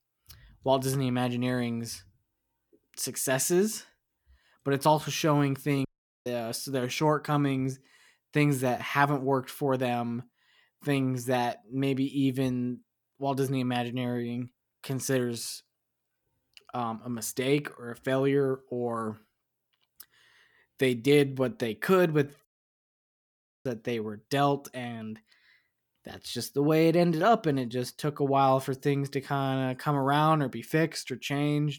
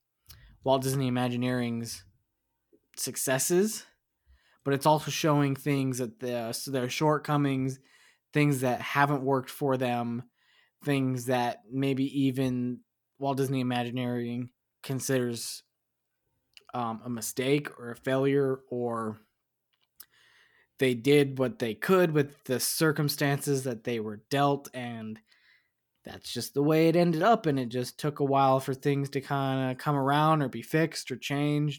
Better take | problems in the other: second | audio cutting out; at 6 s and at 22 s for 1 s

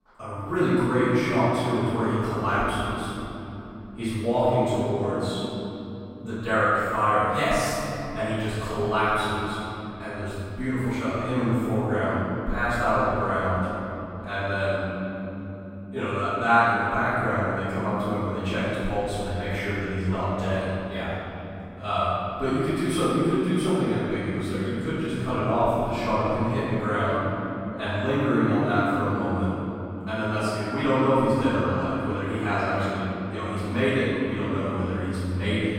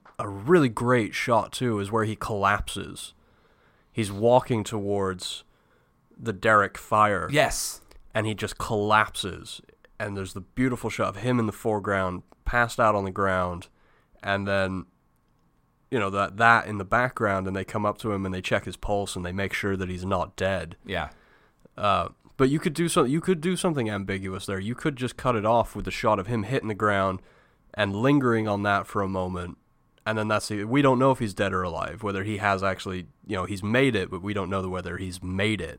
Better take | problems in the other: second | off-mic speech; far // room echo; strong; dies away in 3 s

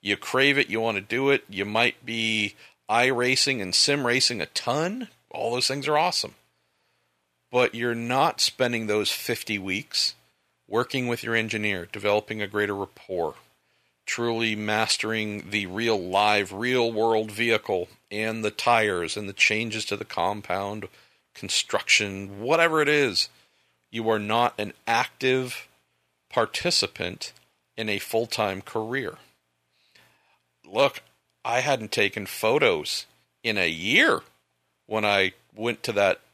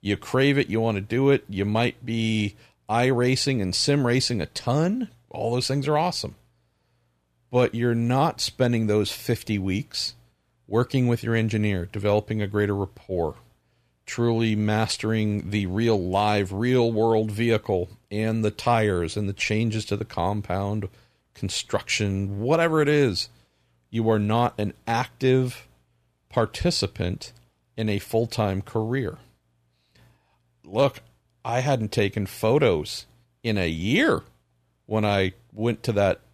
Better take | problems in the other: second | thin; somewhat; fading below 700 Hz

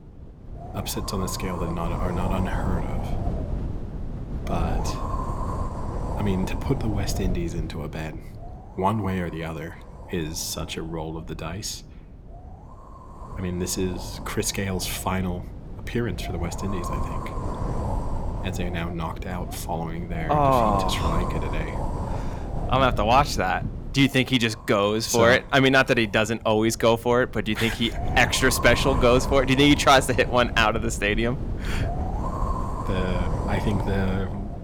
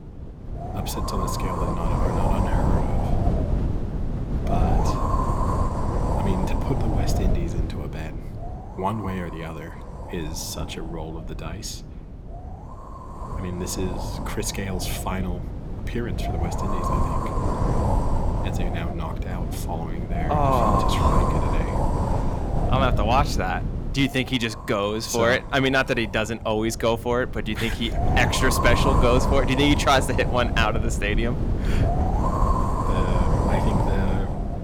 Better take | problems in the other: first | wind noise on the microphone; heavy; 3 dB below the speech; occasional gusts in the first

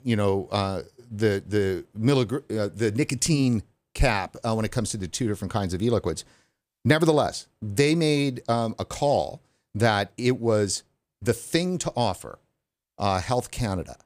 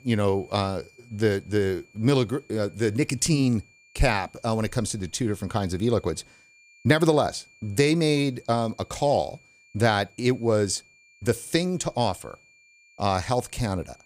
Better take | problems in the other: first | high-pitched whine; faint; throughout; 2.5 kHz, 30 dB below the speech

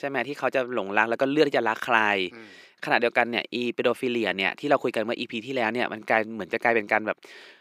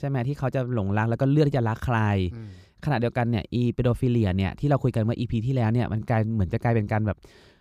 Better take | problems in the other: second | thin; very; fading below 350 Hz

